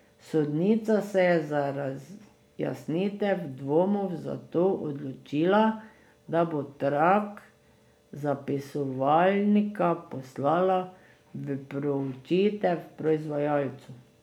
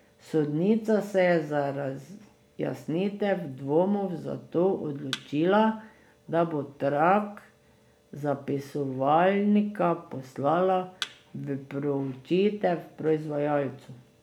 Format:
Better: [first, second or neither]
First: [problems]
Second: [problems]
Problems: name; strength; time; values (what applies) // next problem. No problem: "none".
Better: first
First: none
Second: background sound (Thump, thud); 15 dB below the speech